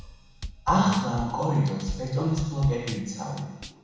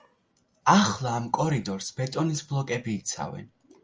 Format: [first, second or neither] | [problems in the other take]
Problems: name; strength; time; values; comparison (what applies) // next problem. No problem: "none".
second | background sound (Drum kit); 12 dB below the speech // room echo; dies away in 1.1 s